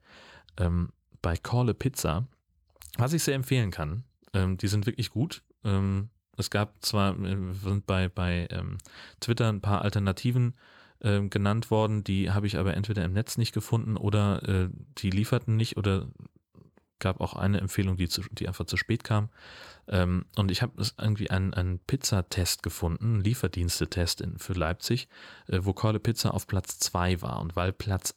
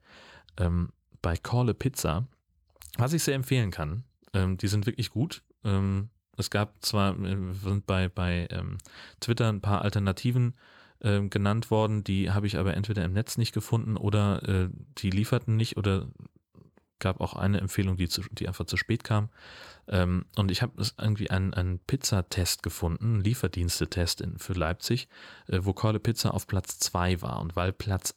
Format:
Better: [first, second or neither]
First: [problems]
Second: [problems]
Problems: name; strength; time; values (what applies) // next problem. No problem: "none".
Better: neither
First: none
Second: none